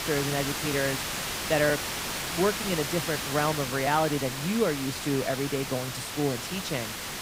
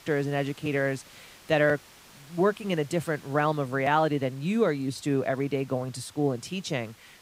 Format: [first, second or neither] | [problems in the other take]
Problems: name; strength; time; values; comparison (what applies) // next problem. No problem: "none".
second | hiss; loud; throughout; 2 dB below the speech; faint in the second